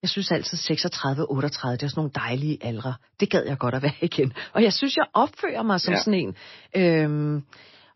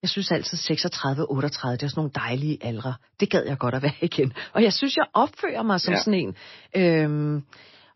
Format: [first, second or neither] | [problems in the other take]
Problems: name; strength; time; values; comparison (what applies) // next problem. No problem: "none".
neither | garbled, watery; slightly; nothing above 5.5 kHz; the same in both